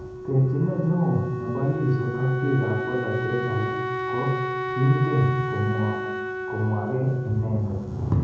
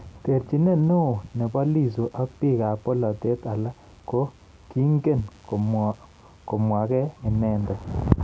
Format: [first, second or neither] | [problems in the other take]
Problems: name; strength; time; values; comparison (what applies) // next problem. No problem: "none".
second | background sound (Wind instrument, woodwind instrument); 6 dB below the speech // room echo; dies away in 0.9 s